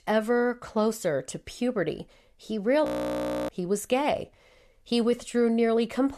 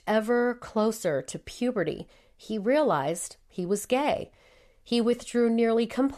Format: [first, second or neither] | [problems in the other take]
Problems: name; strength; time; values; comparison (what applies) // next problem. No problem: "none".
second | audio freezing; at 3 s for 0.5 s